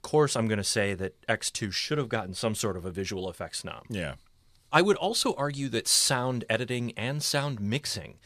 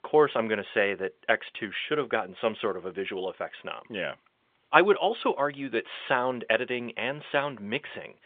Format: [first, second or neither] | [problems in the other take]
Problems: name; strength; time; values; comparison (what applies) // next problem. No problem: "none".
first | phone-call audio